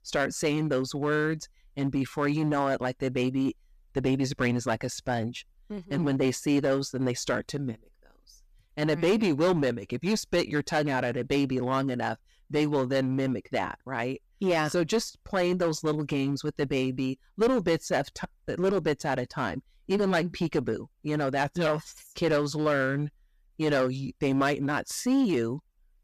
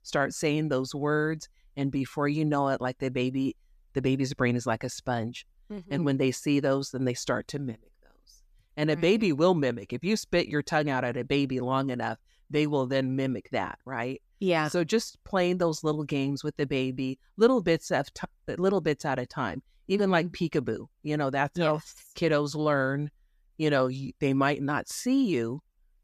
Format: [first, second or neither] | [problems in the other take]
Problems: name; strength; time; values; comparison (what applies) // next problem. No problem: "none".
second | distortion; slight; 6% of the sound clipped